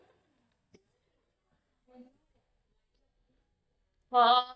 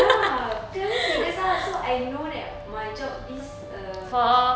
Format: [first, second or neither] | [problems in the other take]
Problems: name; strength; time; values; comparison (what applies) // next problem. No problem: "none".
second | noise reduction (neural mask model DeepFilterNet 3)